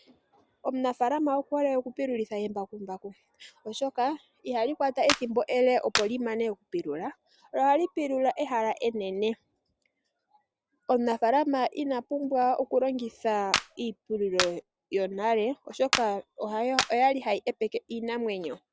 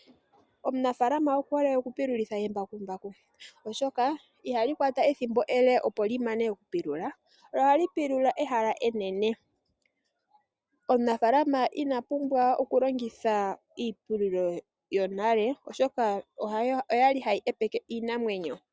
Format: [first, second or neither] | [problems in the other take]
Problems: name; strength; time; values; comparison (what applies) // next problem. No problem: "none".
second | background sound (Clapping); 5 dB below the speech